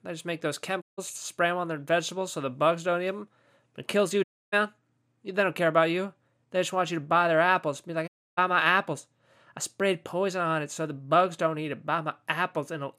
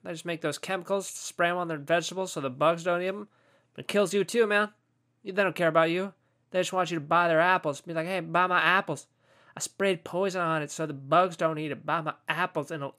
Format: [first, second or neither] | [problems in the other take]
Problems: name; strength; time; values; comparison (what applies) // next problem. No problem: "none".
second | audio cutting out; at 1 s, at 4 s and at 8 s